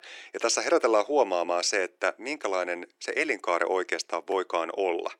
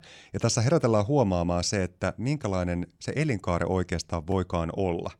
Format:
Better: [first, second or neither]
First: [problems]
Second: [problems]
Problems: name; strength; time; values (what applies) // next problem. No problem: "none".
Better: second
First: thin; very; fading below 350 Hz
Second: none